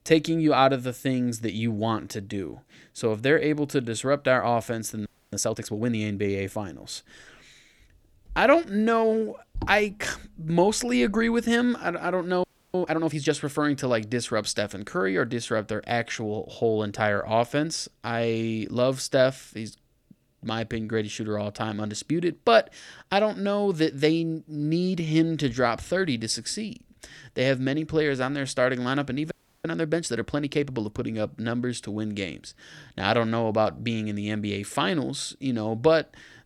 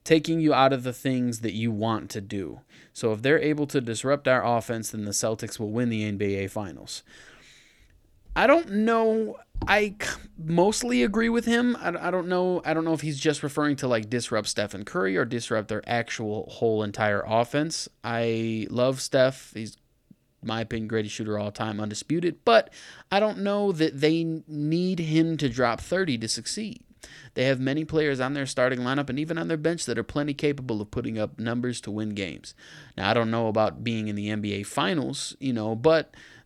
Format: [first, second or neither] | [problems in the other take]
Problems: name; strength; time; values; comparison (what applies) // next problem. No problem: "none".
second | audio freezing; at 5 s, at 12 s and at 29 s